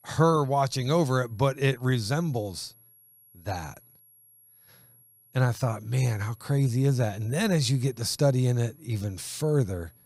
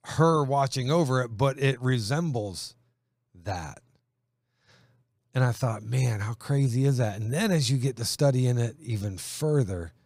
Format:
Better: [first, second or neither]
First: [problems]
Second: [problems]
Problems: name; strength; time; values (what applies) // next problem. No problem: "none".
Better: second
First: high-pitched whine; faint; throughout; 11.5 kHz, 30 dB below the speech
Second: none